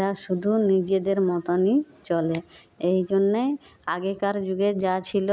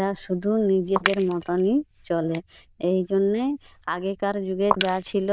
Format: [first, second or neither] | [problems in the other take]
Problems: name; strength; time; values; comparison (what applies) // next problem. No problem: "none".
first | noise reduction (neural diffusion model UNIVERSE++)